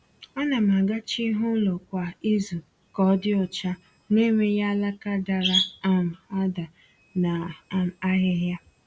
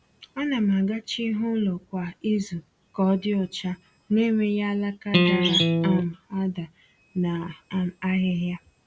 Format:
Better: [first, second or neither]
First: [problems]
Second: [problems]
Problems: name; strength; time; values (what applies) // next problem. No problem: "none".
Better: first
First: none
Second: background sound (Electric guitar); 4 dB above the speech